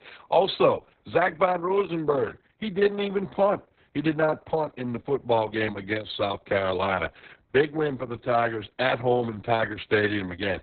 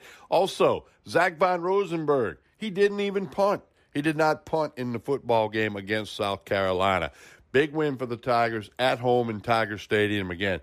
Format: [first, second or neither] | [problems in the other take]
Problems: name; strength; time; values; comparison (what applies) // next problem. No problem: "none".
second | garbled, watery; badly; nothing above 4 kHz